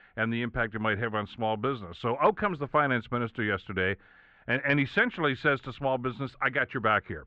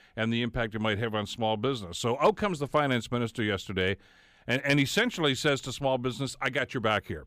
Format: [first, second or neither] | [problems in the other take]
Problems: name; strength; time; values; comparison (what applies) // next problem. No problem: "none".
second | muffled; very; fading above 2.5 kHz